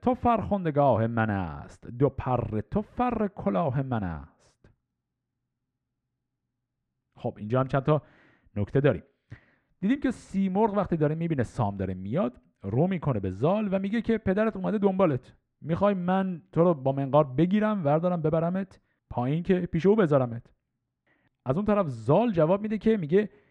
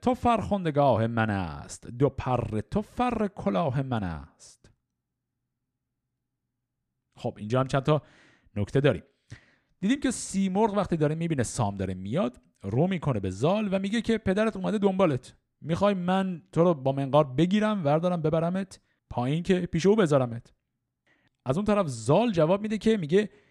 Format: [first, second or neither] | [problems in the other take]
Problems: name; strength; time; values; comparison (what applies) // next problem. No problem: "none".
second | muffled; very; fading above 3.5 kHz